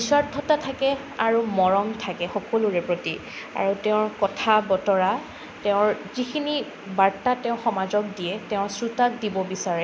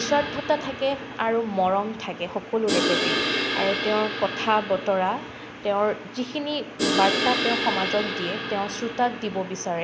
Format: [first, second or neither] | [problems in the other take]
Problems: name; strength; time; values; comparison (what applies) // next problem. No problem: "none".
first | background sound (Crash cymbal); 3 dB below the speech